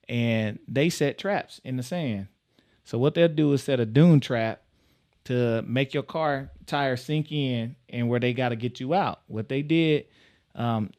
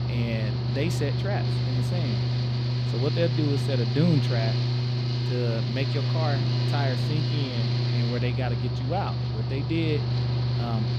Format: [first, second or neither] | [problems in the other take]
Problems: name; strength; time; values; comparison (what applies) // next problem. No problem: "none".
first | machinery noise; very loud; throughout; 5 dB above the speech